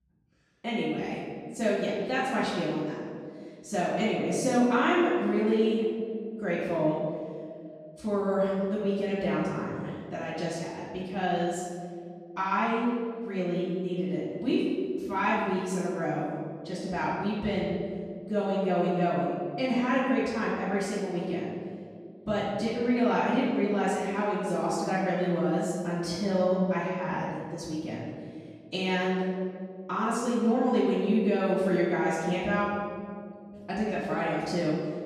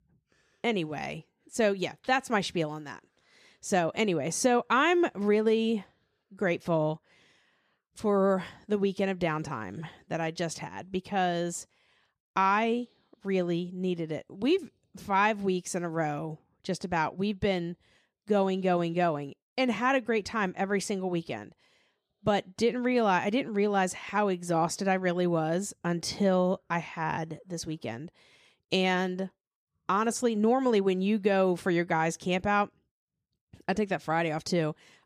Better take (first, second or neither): second